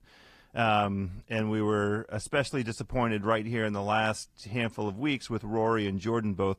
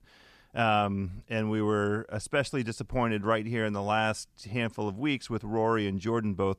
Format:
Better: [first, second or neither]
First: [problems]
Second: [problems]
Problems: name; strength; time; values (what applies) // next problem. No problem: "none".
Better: second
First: garbled, watery; slightly; nothing above 14.5 kHz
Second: none